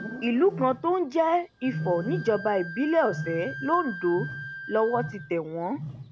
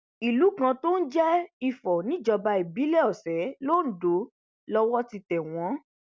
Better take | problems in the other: second | background sound (Wild animals + Wind instrument, woodwind instrument); 10 dB below the speech

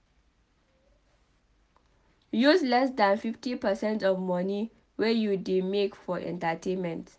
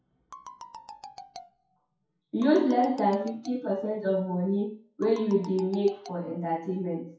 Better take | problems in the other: first | noise reduction (classical method WPE with log-MMSE)

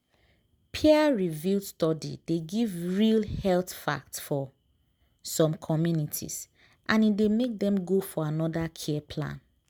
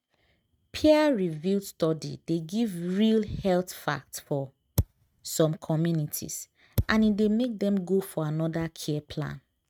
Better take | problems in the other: first | noise reduction (neural mask model RNNoise)

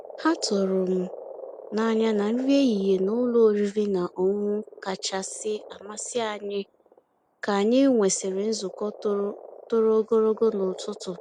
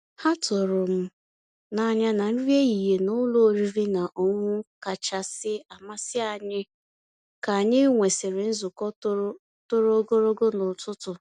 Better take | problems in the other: second | background sound (Frog); 17 dB below the speech

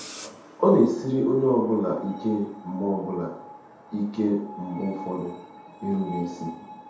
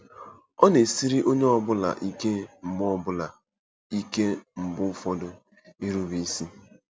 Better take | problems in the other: second | background sound (Screech); 16 dB below the speech // room echo; dies away in 0.8 s

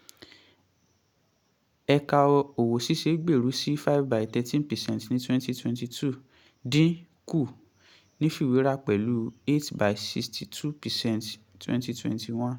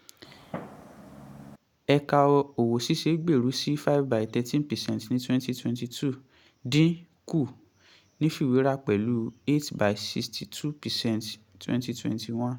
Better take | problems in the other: first | background sound (Fireworks); 16 dB below the speech

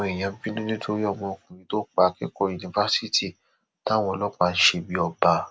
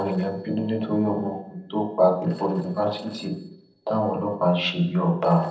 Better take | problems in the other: first | noise reduction (neural separator model SepFormer DNS4)

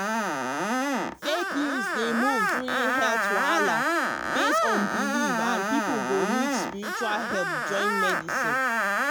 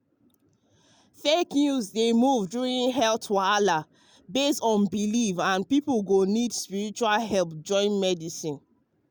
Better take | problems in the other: second | background sound (Screech); 5 dB above the speech

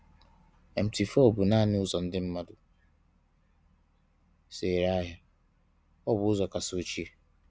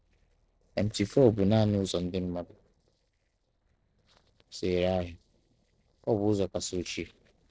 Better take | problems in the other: first | noise reduction (neural separator model SepFormer DNS4)

